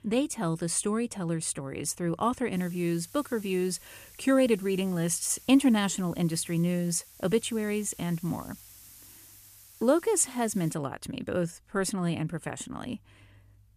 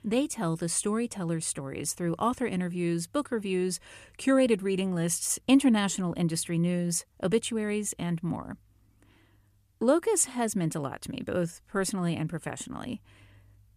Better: second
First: hiss; faint; from 2.5 to 11 s; 20 dB below the speech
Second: none

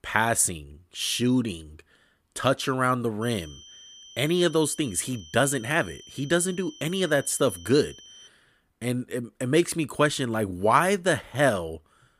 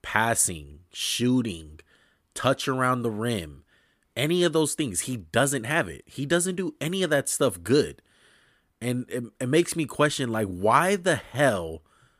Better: second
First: high-pitched whine; faint; from 3 to 8.5 s; 3 kHz, 20 dB below the speech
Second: none

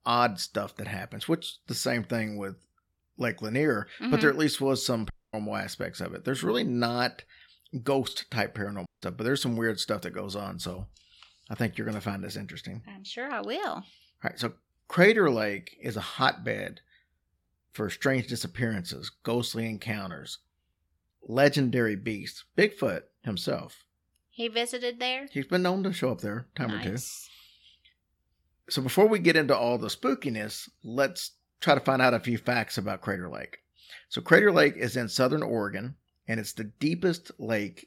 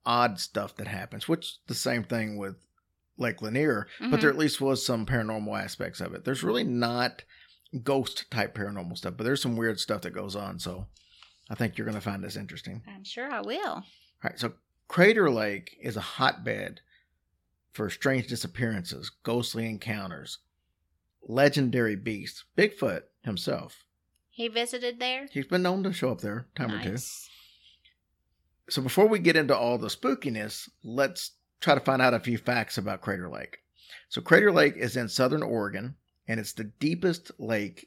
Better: second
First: audio cutting out; at 5 s and at 9 s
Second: none

